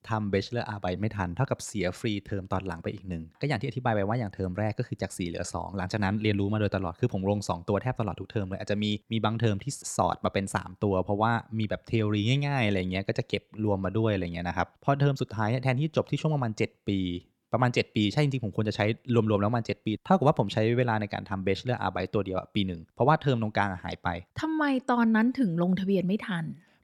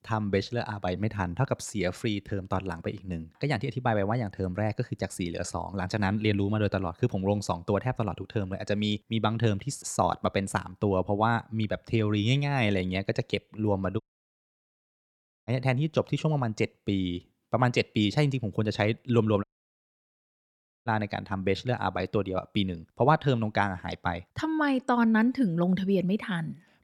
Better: first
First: none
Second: audio cutting out; at 14 s for 1.5 s and at 19 s for 1.5 s

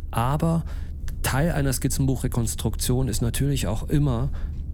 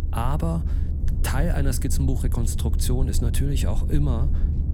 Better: first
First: low rumble; faint; throughout; 20 dB below the speech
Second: low rumble; loud; throughout; 9 dB below the speech

